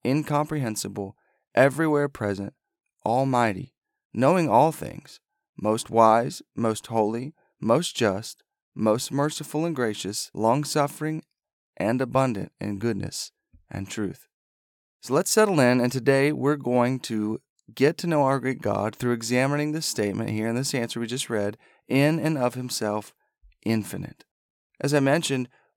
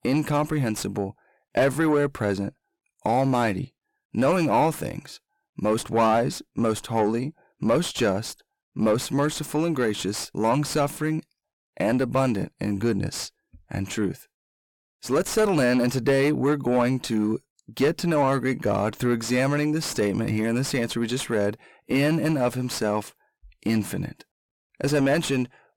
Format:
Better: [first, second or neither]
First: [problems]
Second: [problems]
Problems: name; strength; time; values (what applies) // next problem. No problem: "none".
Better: first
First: none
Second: distortion; heavy; 7 dB below the speech